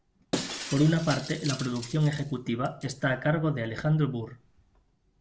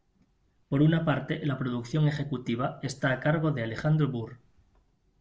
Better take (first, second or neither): second